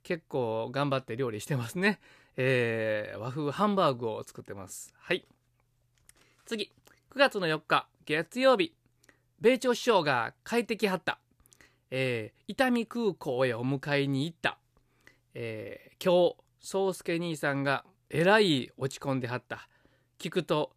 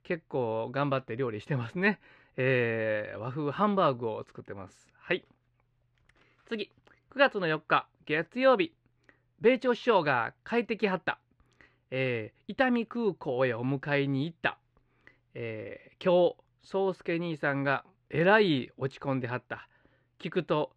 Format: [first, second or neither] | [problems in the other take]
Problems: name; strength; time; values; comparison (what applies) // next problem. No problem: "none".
first | muffled; slightly; fading above 2.5 kHz